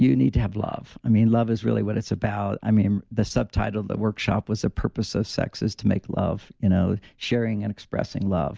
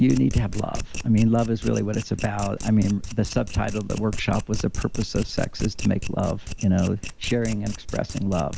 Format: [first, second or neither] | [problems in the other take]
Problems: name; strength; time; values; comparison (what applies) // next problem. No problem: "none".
first | background sound (Domestic sounds, home sounds); 8 dB below the speech